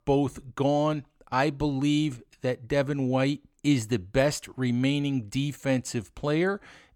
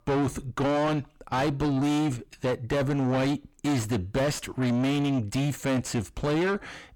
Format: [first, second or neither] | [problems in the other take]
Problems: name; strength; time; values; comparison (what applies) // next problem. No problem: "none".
first | distortion; heavy; 6 dB below the speech